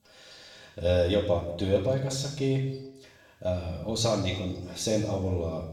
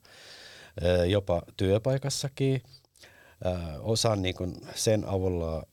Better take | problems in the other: second | room echo; noticeable; dies away in 0.8 s // off-mic speech; far

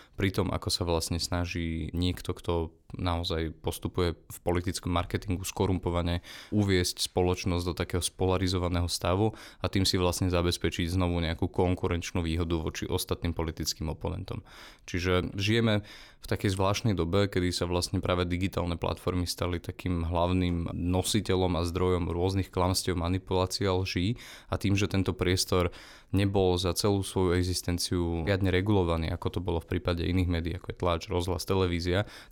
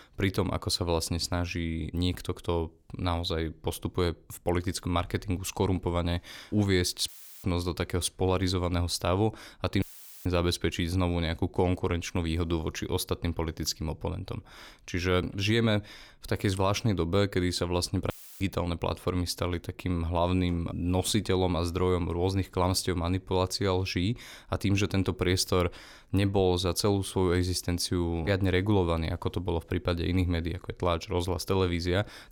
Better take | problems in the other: first | audio cutting out; filled with static; at 7 s, at 10 s and at 18 s

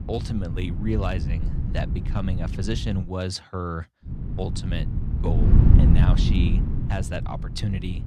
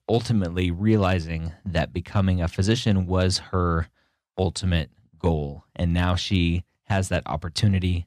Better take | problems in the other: second | wind noise on the microphone; heavy; until 3 s and from 4 s on; 3 dB below the speech

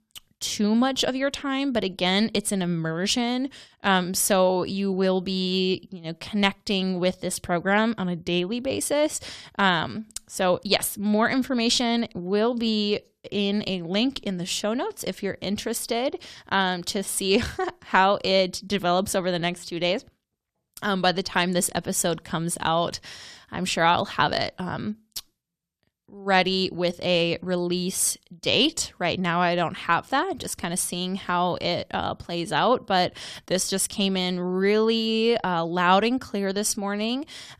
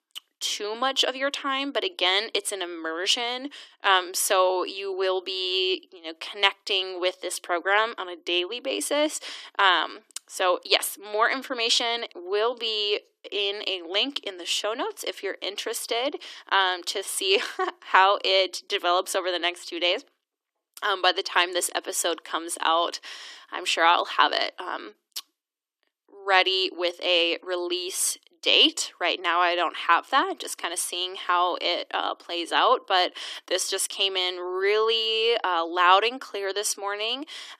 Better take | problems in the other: first | thin; very; fading below 300 Hz

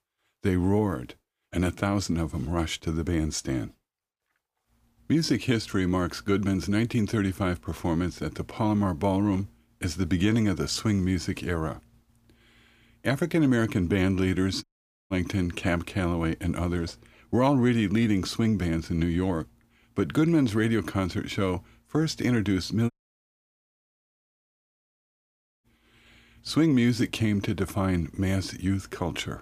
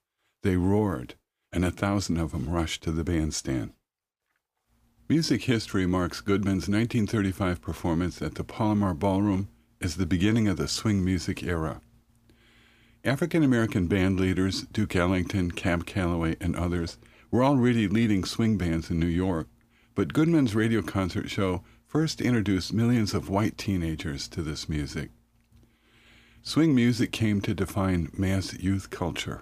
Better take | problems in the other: second | audio cutting out; at 15 s and at 23 s for 2.5 s

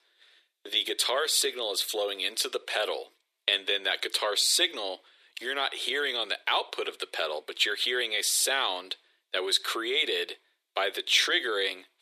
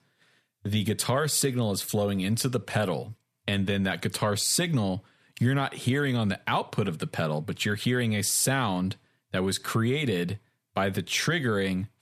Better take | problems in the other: second | thin; very; fading below 350 Hz

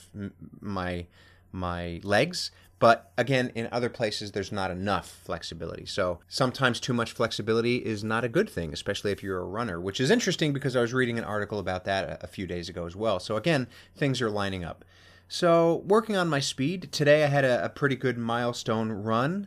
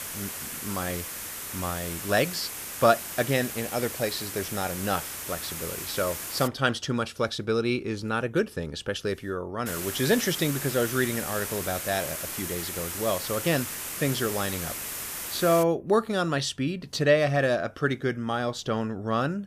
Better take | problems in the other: first | hiss; loud; until 6.5 s and from 9.5 to 16 s; 5 dB below the speech

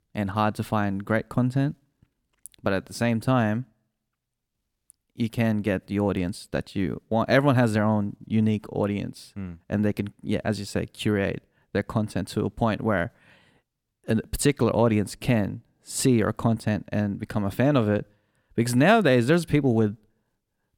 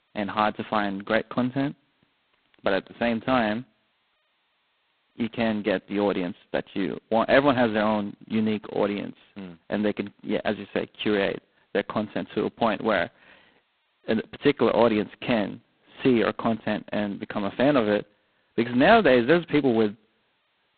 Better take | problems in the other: first | phone-call audio; poor line; nothing above 4 kHz

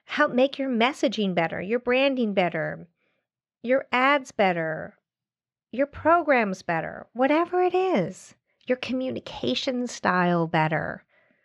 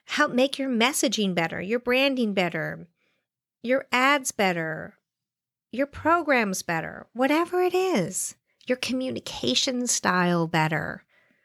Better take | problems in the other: second | muffled; slightly; fading above 3 kHz

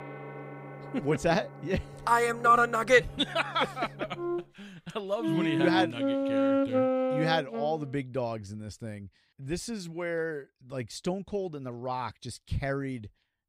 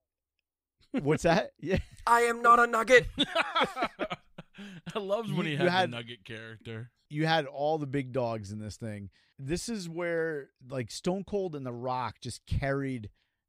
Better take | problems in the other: second | background music; loud; until 7.5 s; 1 dB below the speech

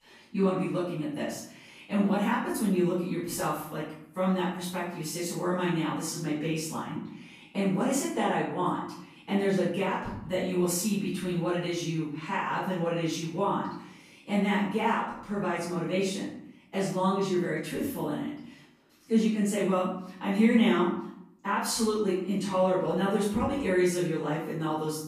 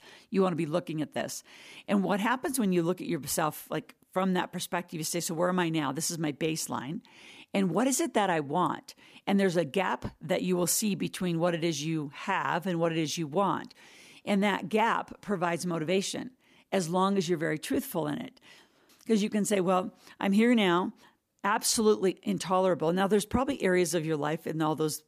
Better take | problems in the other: second | room echo; noticeable; dies away in 0.6 s // off-mic speech; far

